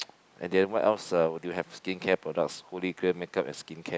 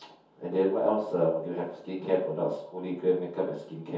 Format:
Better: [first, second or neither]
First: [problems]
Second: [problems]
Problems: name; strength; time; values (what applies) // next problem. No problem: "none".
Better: first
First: none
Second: room echo; dies away in 0.6 s